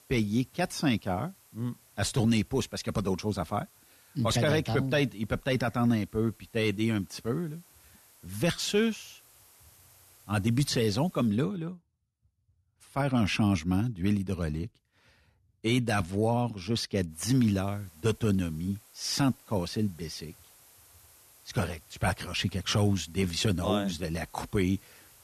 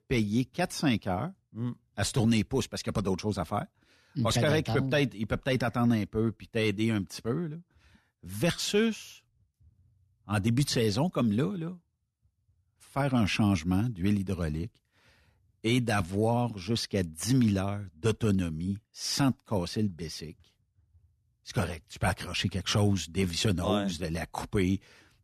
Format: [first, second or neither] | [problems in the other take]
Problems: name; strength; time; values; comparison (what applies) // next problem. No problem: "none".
second | hiss; faint; until 11 s and from 17 s on; 25 dB below the speech